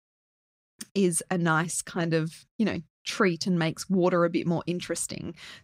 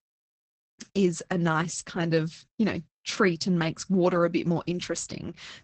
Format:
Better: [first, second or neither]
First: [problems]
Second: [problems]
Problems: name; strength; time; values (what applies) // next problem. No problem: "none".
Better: first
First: none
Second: garbled, watery; badly; nothing above 8 kHz